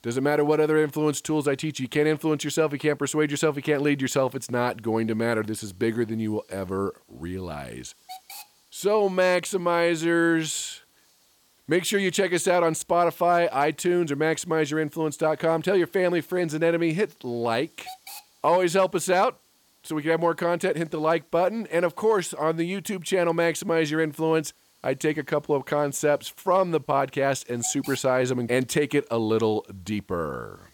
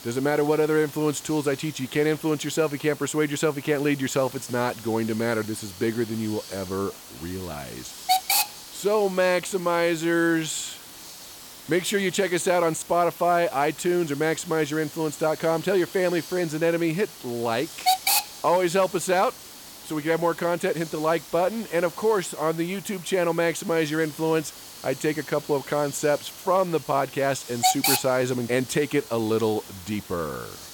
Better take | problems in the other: first | hiss; loud; throughout; 8 dB below the speech; faint in the first

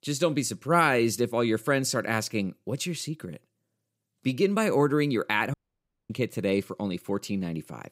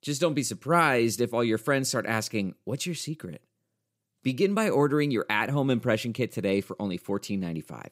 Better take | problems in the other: second | audio cutting out; at 5.5 s for 0.5 s

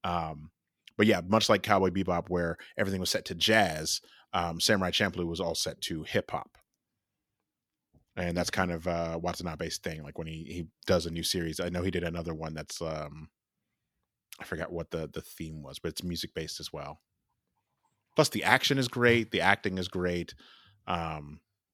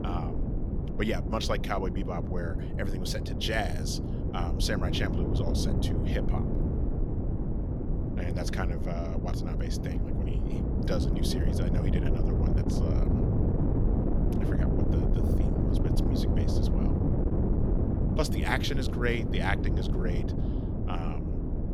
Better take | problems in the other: first | wind noise on the microphone; heavy; 2 dB below the speech

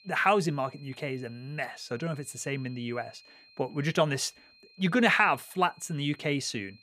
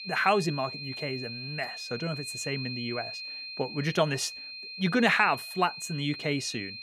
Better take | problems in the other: first | high-pitched whine; loud; throughout; 4 kHz, 8 dB below the speech; faint in the first

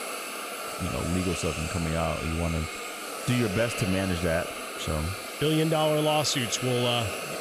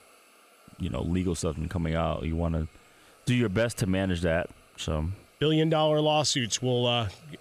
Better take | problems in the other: second | hiss; loud; throughout; 5 dB below the speech; faint in the second

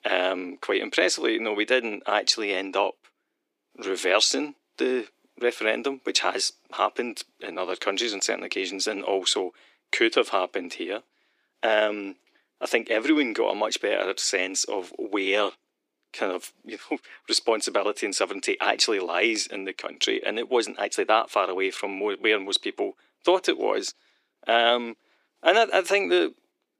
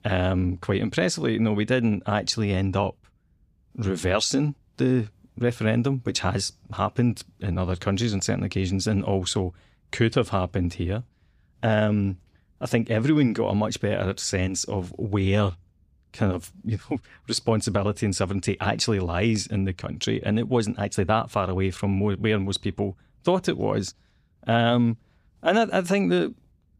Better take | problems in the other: second | thin; very; fading below 300 Hz

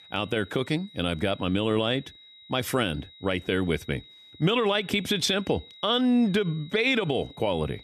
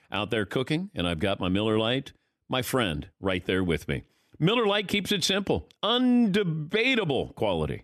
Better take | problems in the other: second | high-pitched whine; faint; throughout; 4 kHz, 20 dB below the speech

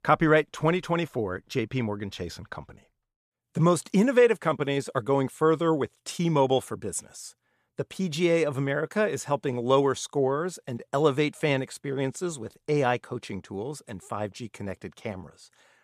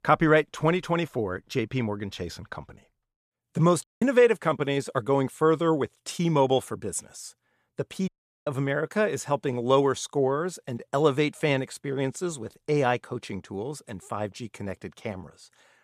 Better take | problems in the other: first | audio cutting out; at 4 s and at 8 s

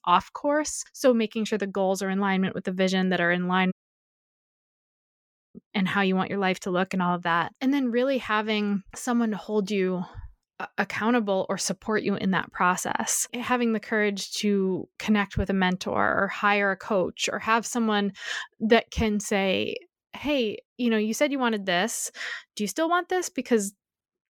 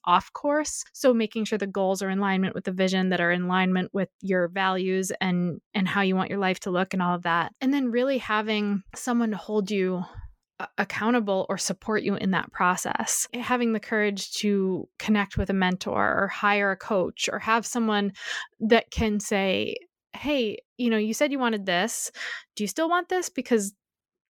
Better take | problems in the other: second | audio cutting out; at 3.5 s for 2 s

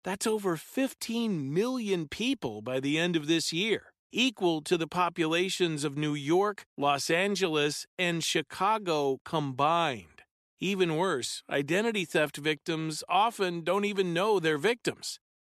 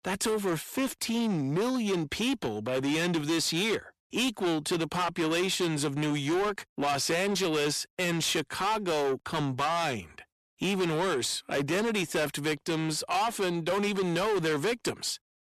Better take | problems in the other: first | distortion; heavy; 7 dB below the speech

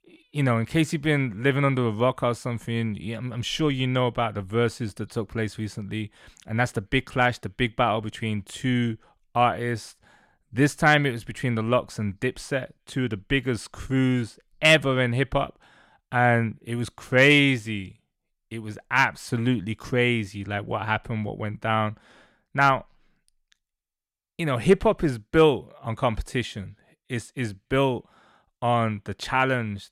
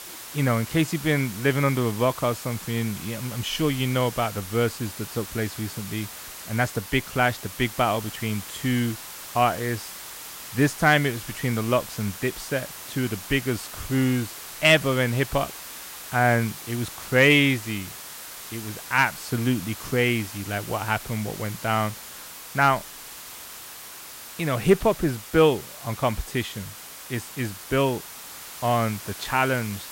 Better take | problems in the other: first | hiss; noticeable; throughout; 10 dB below the speech

